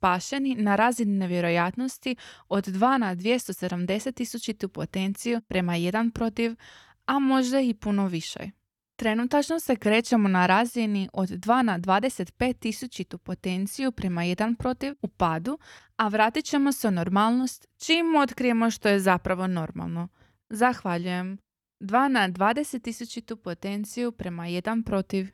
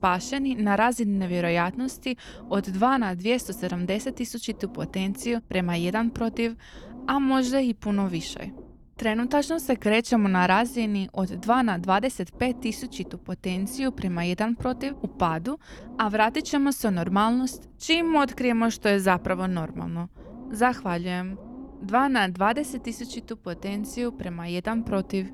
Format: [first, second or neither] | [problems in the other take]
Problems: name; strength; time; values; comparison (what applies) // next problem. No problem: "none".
first | low rumble; faint; throughout; 20 dB below the speech